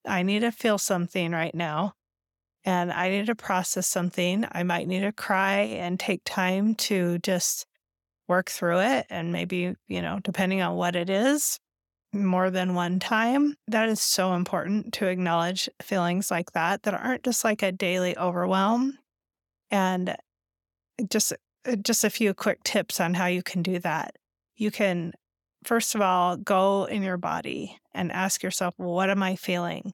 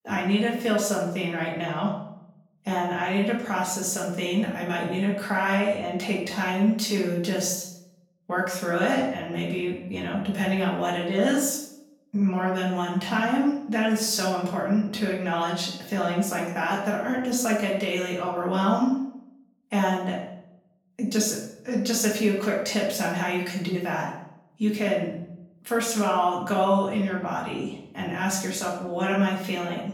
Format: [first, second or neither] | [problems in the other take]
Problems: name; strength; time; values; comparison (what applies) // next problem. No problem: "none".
first | off-mic speech; far // room echo; noticeable; dies away in 0.7 s